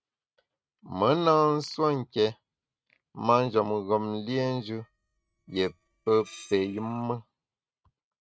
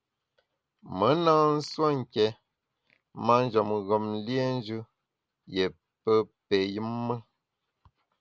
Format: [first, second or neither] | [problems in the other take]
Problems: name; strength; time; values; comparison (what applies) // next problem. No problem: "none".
second | noise reduction (neural mask model RNNoise)